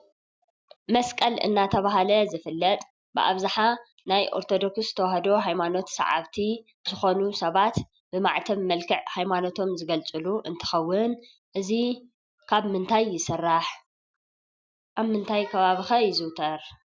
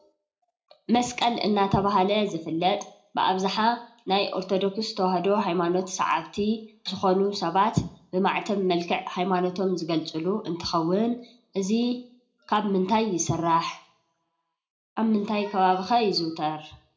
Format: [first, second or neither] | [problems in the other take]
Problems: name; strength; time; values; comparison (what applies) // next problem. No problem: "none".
first | room echo; dies away in 0.3 s